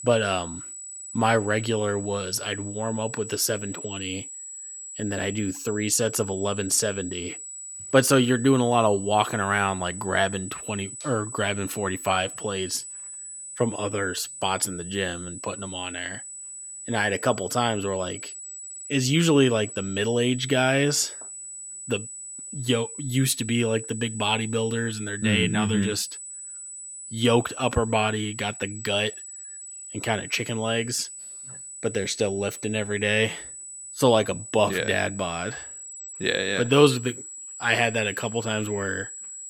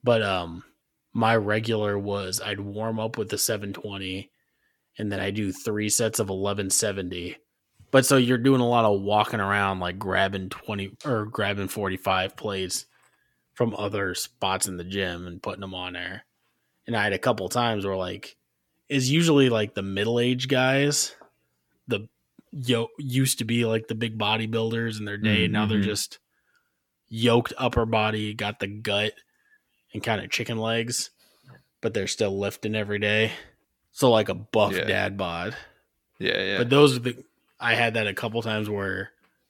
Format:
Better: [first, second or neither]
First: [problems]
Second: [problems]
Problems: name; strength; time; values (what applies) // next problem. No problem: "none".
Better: second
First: high-pitched whine; noticeable; throughout; 8 kHz, 10 dB below the speech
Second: none